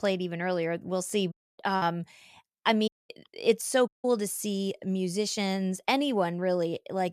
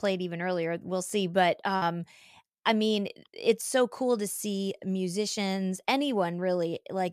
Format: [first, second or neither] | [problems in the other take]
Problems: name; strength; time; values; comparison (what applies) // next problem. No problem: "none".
second | audio cutting out; at 1.5 s, at 3 s and at 4 s